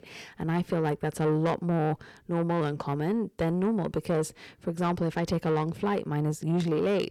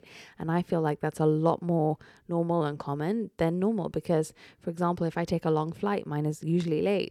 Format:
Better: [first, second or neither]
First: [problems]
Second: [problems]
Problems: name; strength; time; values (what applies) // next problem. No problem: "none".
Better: second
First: distortion; slight; 10 dB below the speech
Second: none